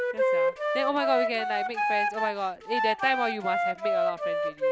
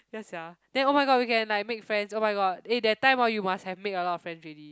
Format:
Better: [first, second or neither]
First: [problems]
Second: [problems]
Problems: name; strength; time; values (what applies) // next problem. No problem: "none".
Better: second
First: background sound (Wind instrument, woodwind instrument); 4 dB above the speech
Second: none